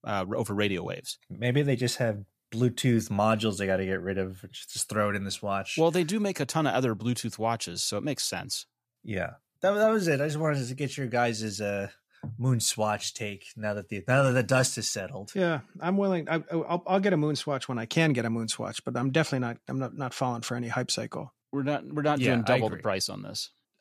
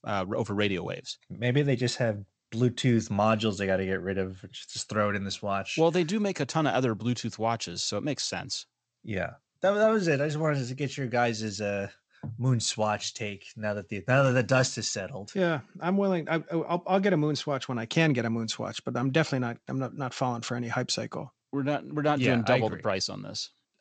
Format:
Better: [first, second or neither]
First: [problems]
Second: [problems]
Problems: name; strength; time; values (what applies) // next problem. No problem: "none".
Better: first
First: none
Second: garbled, watery; slightly; nothing above 8 kHz